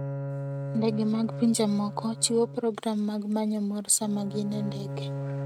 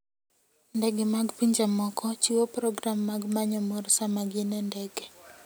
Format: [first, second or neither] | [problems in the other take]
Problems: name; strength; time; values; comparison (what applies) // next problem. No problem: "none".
second | noise reduction (neural mask model RNNoise)